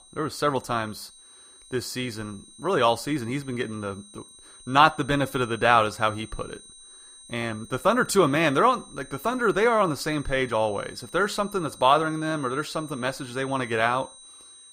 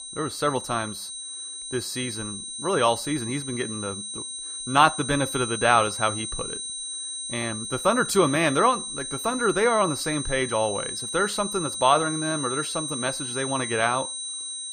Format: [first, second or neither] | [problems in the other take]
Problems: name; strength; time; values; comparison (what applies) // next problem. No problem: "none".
first | high-pitched whine; loud; throughout; 8.5 kHz, 6 dB below the speech; faint in the first